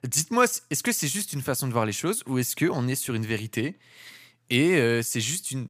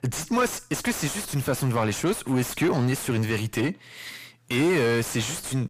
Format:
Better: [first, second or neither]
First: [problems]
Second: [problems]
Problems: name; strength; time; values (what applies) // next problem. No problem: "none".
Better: first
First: none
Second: distortion; heavy; 5 dB below the speech